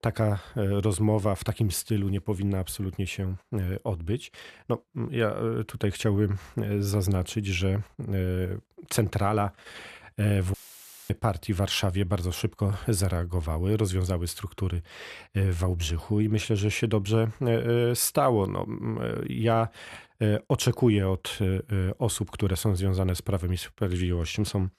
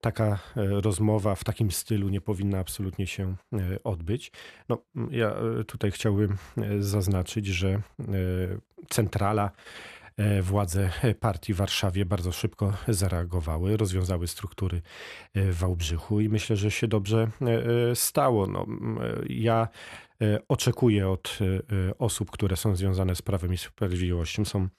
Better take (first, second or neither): second